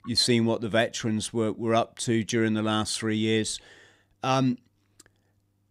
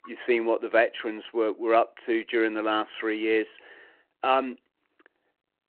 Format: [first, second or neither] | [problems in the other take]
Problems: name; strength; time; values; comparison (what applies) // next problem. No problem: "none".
first | phone-call audio